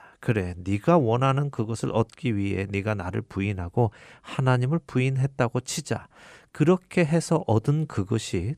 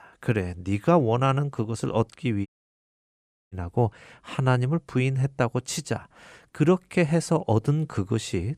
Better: first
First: none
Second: audio cutting out; at 2.5 s for 1 s

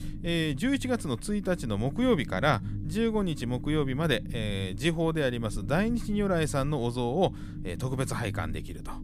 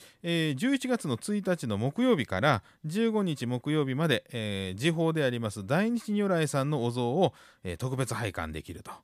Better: second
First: low rumble; noticeable; throughout; 20 dB below the speech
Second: none

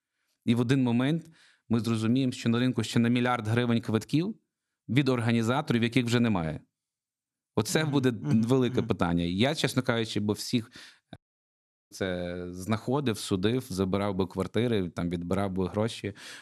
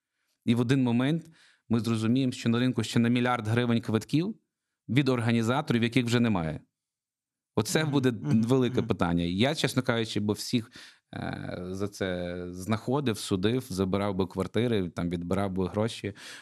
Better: second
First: audio cutting out; at 11 s for 1 s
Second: none

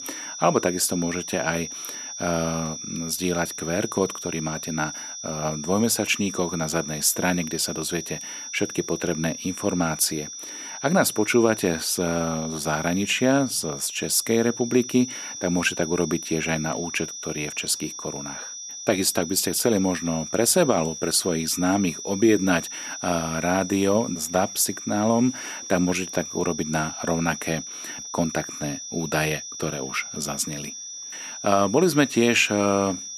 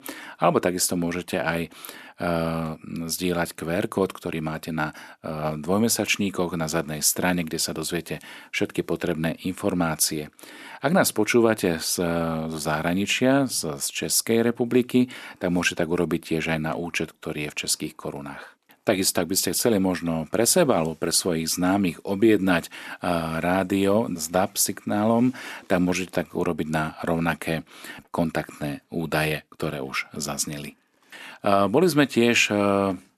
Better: second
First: high-pitched whine; loud; throughout; 6 kHz, 9 dB below the speech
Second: none

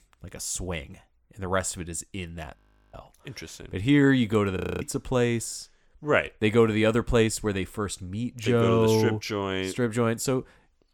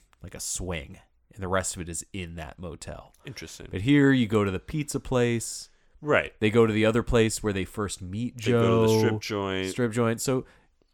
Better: second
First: audio freezing; at 2.5 s and at 4.5 s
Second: none

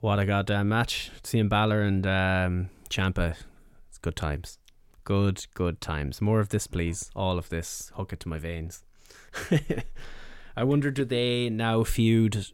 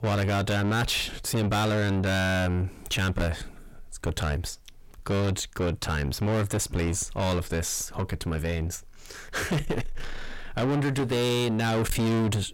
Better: first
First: none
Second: distortion; heavy; 6 dB below the speech

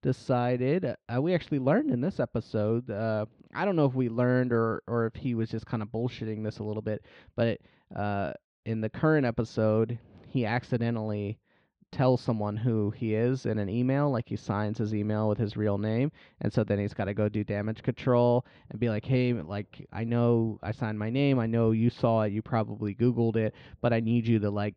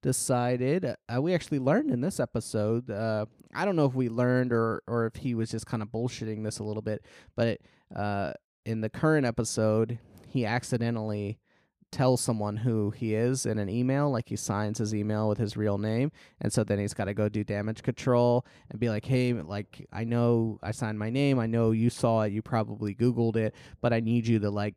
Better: second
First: muffled; slightly; fading above 3.5 kHz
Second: none

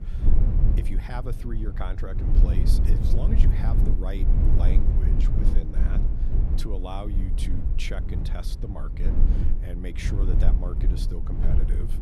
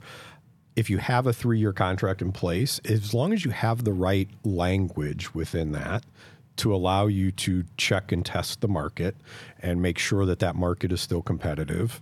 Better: second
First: low rumble; loud; throughout; 1 dB below the speech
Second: none

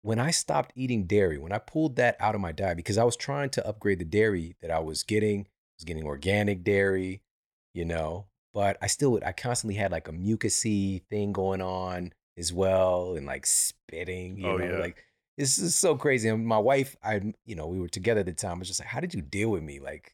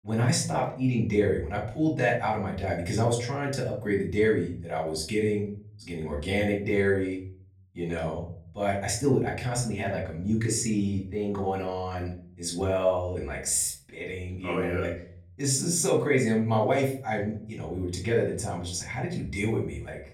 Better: first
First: none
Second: off-mic speech; far // room echo; slight; dies away in 0.5 s

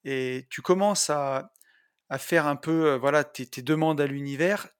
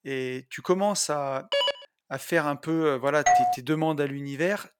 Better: first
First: none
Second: phone ringing; loud; at 1.5 s; peak 2 dB above the speech // doorbell; loud; at 3.5 s; peak 6 dB above the speech

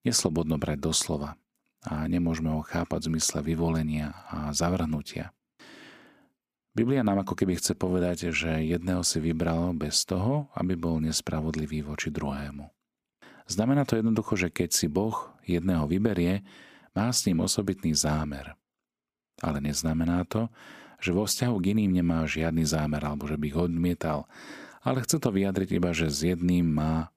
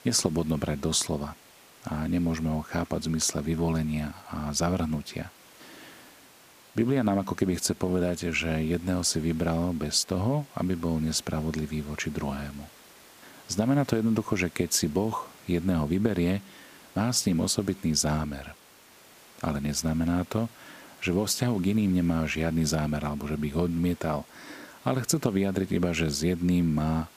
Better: first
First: none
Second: hiss; faint; throughout; 25 dB below the speech

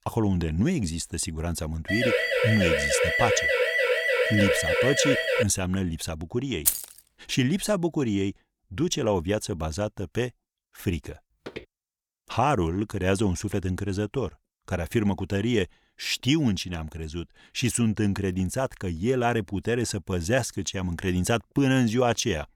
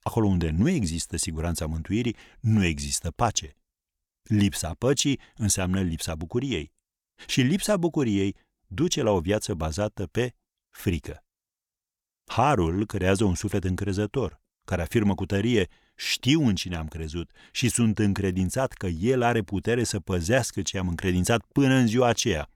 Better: second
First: siren; loud; from 2 to 5.5 s; peak 5 dB above the speech // jangling keys; loud; at 6.5 s; peak 3 dB above the speech // footsteps; faint; at 11 s; peak 15 dB below the speech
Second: none

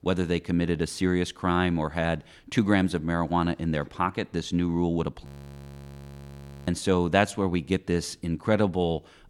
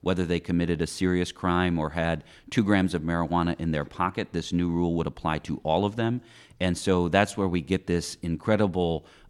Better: second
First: audio freezing; at 5.5 s for 1.5 s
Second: none

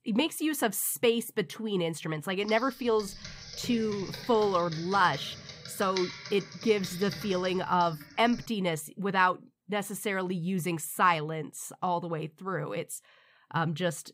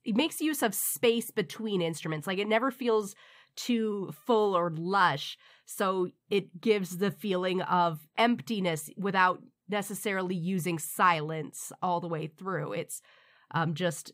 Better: second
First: keyboard typing; noticeable; from 2.5 to 8.5 s; peak 7 dB below the speech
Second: none

